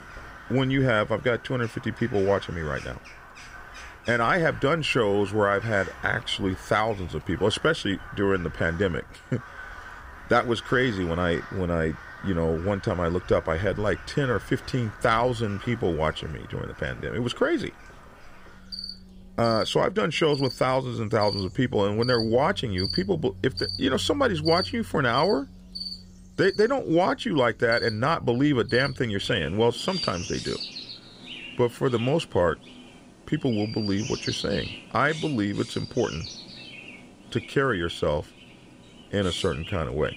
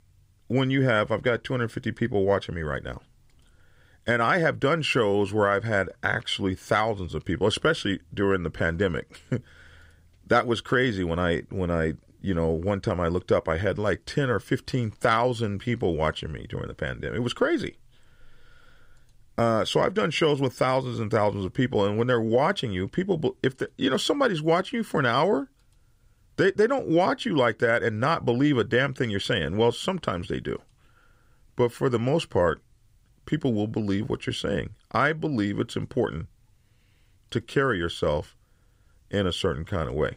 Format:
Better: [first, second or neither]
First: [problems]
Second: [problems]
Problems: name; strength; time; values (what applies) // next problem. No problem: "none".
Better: second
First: animal sounds; noticeable; throughout; 15 dB below the speech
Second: none